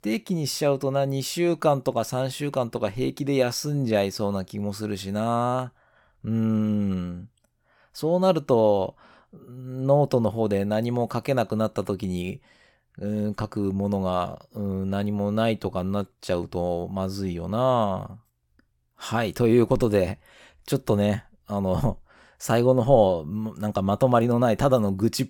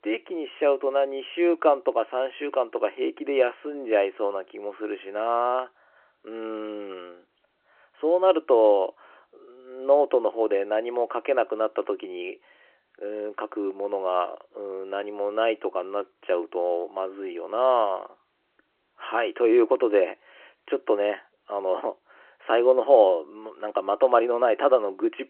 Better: first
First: none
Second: phone-call audio

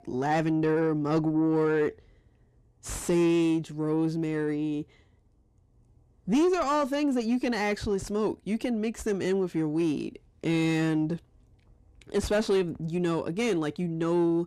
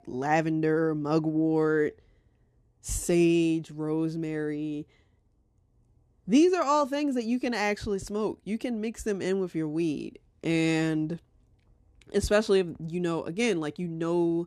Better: second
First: distortion; slight; 10 dB below the speech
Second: none

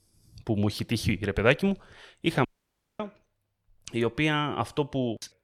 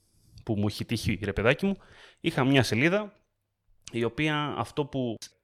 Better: second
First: audio cutting out; at 2.5 s for 0.5 s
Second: none

